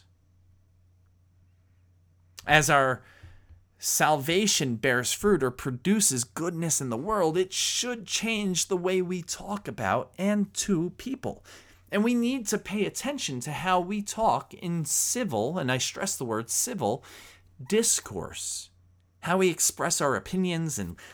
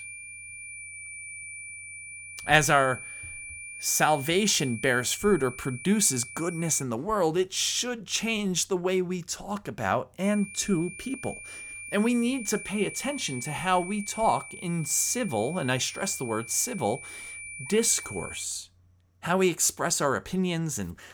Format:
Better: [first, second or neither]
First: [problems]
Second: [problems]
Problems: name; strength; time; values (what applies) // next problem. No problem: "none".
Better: first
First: none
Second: high-pitched whine; noticeable; until 7 s and from 10 to 18 s; 2.5 kHz, 10 dB below the speech